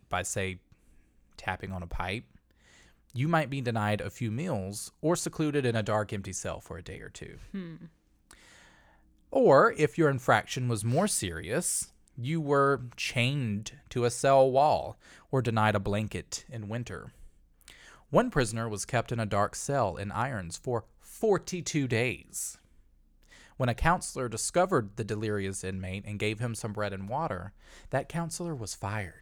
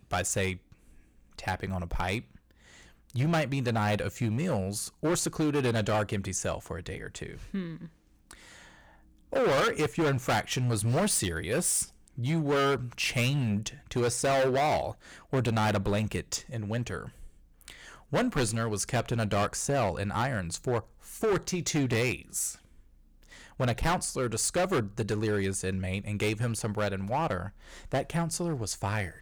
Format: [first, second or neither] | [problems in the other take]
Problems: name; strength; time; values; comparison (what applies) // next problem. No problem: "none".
first | distortion; heavy; 10% of the sound clipped